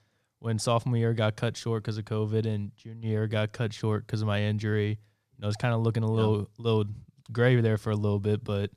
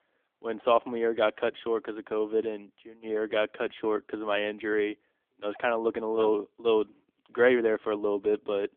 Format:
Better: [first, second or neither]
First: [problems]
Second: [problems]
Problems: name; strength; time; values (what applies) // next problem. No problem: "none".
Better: first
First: none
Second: phone-call audio; nothing above 3.5 kHz